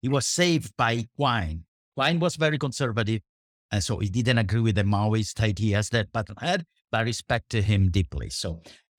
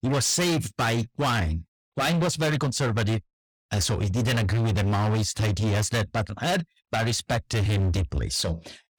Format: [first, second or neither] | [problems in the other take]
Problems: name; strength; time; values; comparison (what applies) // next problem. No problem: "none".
first | distortion; heavy; 27% of the sound clipped